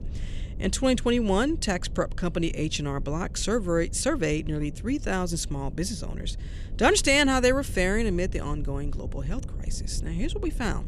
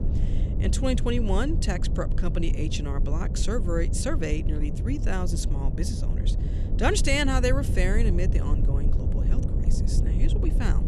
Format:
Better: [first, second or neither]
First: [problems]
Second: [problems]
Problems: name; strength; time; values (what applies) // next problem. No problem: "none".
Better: first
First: low rumble; faint; throughout; 25 dB below the speech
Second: low rumble; loud; throughout; 10 dB below the speech